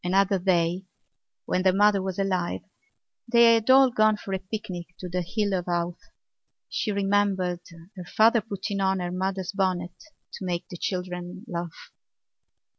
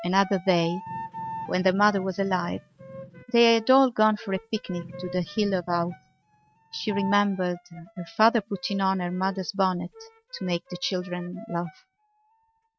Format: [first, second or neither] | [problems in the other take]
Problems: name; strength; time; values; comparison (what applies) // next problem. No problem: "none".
first | noise reduction (neural mask model RNNoise)